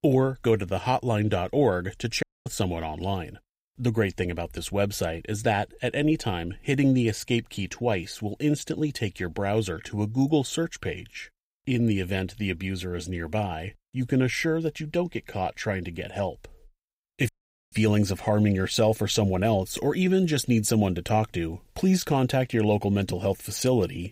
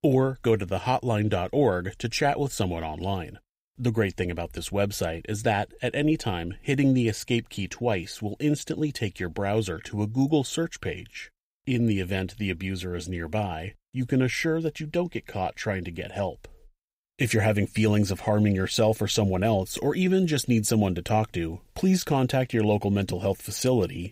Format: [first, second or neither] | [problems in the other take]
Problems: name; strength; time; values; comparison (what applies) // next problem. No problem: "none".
second | audio cutting out; at 2 s and at 17 s